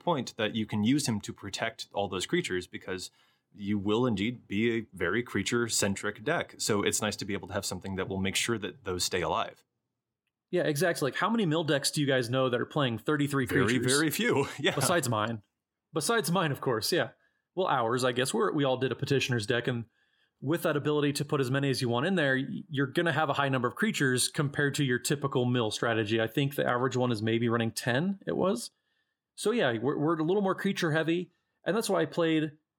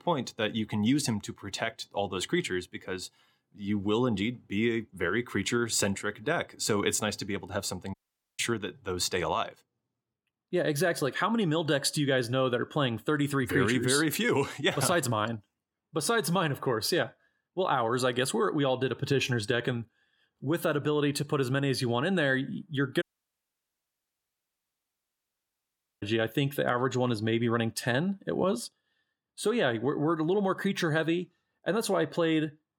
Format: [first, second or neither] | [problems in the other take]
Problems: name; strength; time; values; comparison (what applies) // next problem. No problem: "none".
first | audio cutting out; at 8 s and at 23 s for 3 s